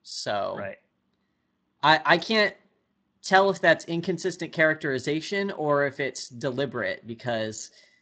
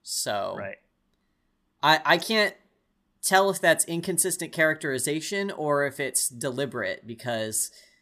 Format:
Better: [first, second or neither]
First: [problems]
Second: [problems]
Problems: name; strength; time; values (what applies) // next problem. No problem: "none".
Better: second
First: garbled, watery; slightly; nothing above 8 kHz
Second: none